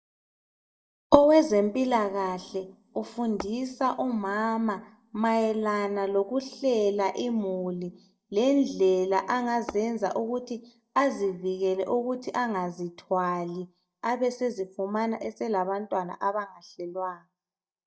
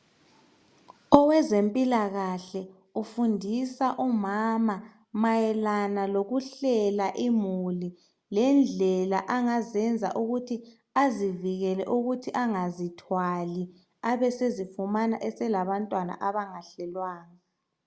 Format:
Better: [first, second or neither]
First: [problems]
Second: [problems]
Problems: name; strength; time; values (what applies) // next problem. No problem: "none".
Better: second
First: noise reduction (neural mask model DeepFilterNet 3)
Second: none